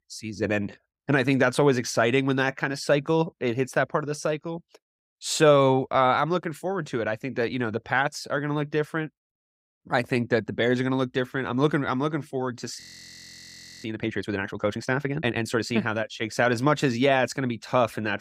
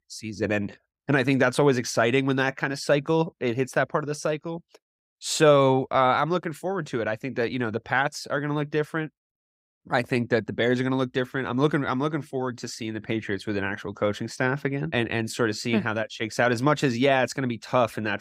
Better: second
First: audio freezing; at 13 s for 1 s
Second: none

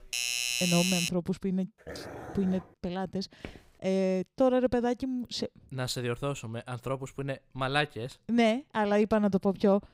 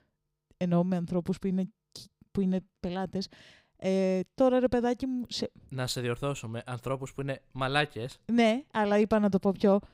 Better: second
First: doorbell; loud; until 1 s; peak 2 dB above the speech // dog barking; faint; at 2 s; peak 10 dB below the speech // footsteps; faint; at 3.5 s; peak 20 dB below the speech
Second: none

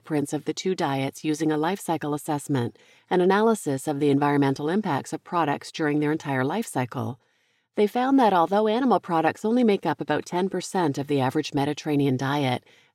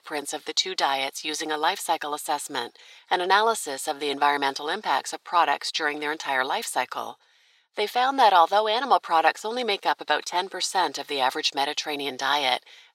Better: first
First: none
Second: thin; very; fading below 850 Hz

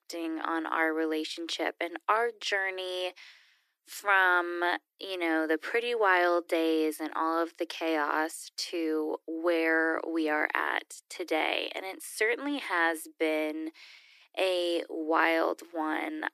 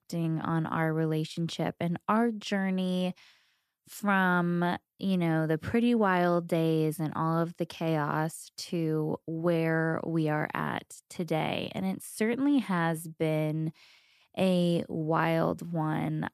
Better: second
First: thin; very; fading below 300 Hz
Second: none

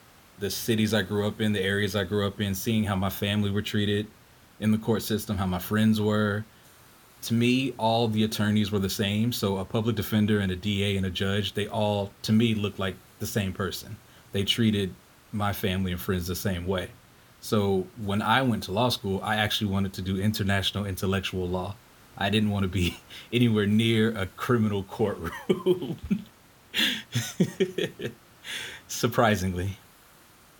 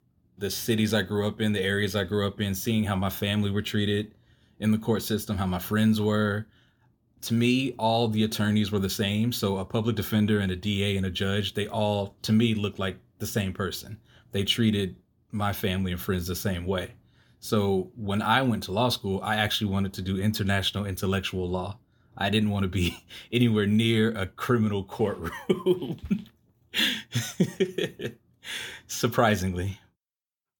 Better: second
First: hiss; faint; throughout; 25 dB below the speech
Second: none

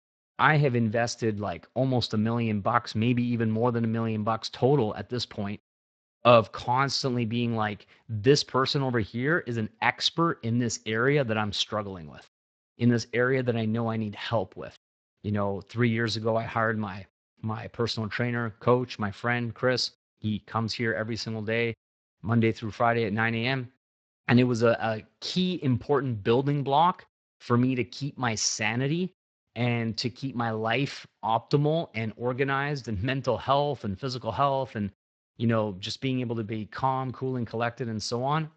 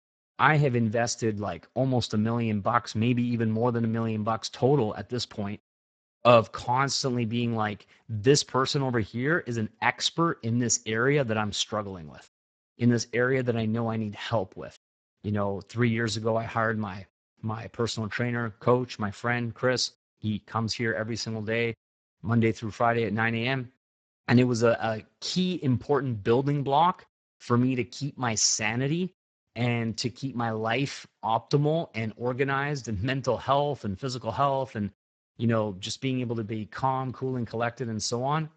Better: first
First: garbled, watery; slightly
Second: garbled, watery; badly; nothing above 7.5 kHz

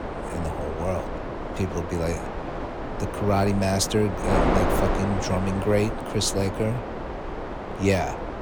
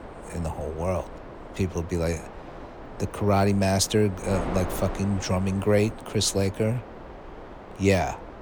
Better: second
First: wind noise on the microphone; heavy; 2 dB below the speech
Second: wind noise on the microphone; occasional gusts; 10 dB below the speech

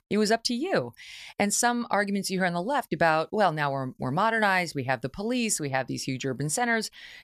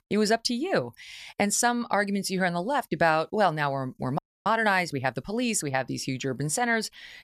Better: first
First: none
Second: audio freezing; at 4 s

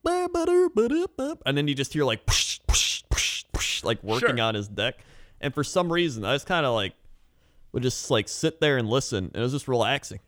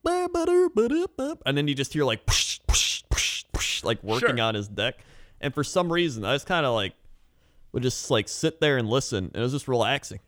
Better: neither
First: none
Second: none

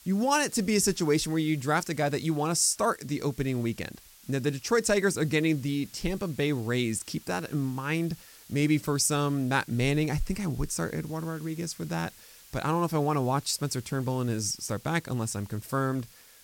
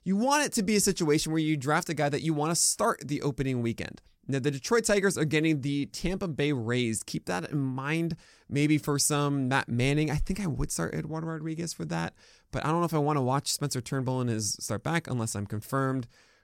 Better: second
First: hiss; faint; throughout; 20 dB below the speech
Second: none

